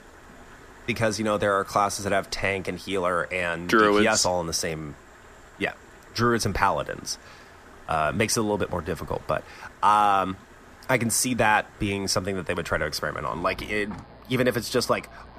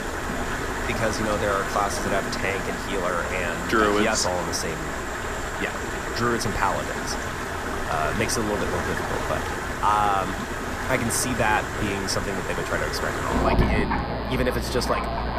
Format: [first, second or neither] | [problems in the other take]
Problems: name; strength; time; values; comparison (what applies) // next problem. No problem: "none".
first | rain or running water; loud; throughout; 2 dB below the speech; faint in the first